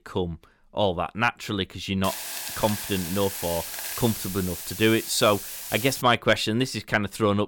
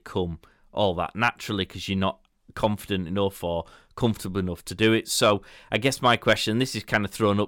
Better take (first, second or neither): second